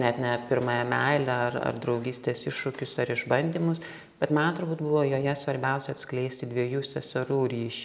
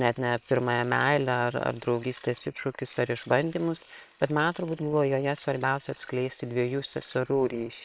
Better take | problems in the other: first | noise reduction (neural separator model SepFormer WHAM!)

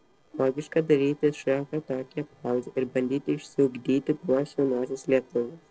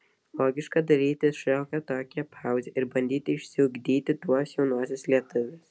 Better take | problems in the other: second | noise reduction (neural separator model SepFormer DNS4)

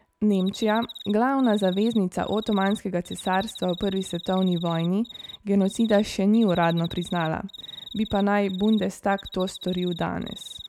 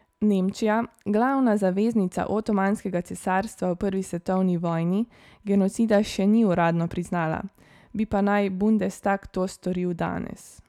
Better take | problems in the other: second | background sound (Cricket); 17 dB below the speech

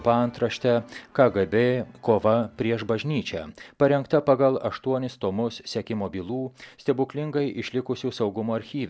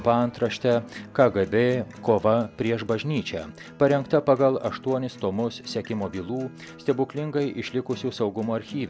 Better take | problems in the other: first | background sound (Acoustic guitar); 19 dB below the speech

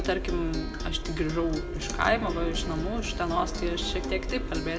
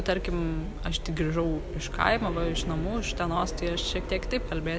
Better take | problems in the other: second | background sound (Acoustic guitar); 11 dB below the speech // room echo; dies away in 0.7 s

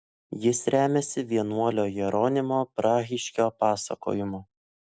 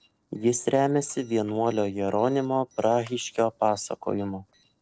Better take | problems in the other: first | noise reduction (neural separator model SepFormer DNS4)

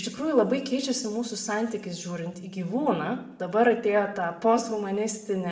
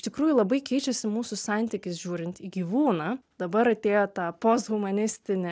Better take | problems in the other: second | room echo; dies away in 0.6 s

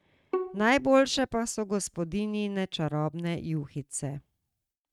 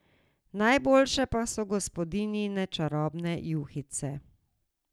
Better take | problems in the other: second | noise reduction (neural mask model RNNoise)

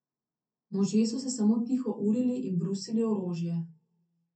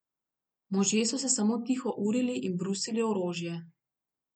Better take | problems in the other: second | room echo; dies away in 0.3 s

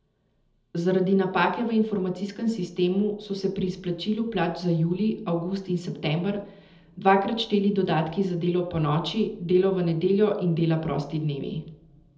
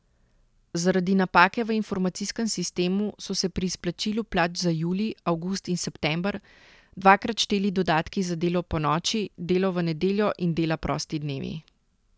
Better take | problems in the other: second | room echo; dies away in 0.8 s

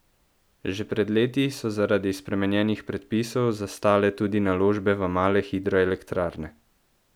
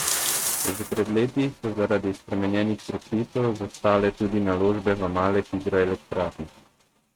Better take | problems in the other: first | noise reduction (neural mask model RNNoise)

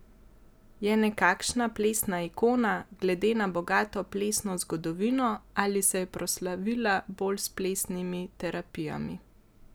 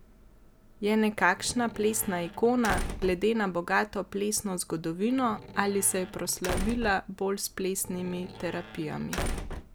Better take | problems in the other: first | background sound (Squeak / Slam / Wood); 8 dB below the speech

